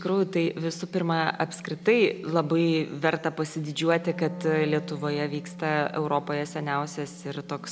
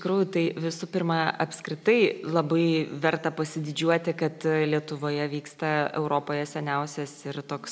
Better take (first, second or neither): second